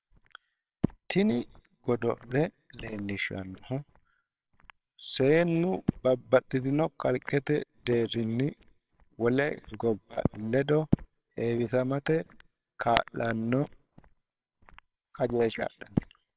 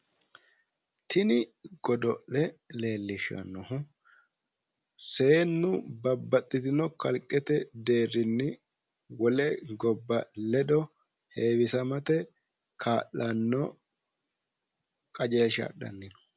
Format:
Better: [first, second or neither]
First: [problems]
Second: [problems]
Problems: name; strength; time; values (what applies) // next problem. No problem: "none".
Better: second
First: noise reduction (neural separator model SepFormer WHAMR!)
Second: none